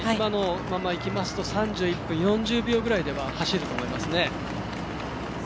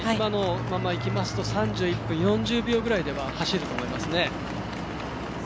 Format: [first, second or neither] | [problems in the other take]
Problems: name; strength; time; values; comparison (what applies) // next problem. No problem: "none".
first | background sound (Bass guitar); 6 dB below the speech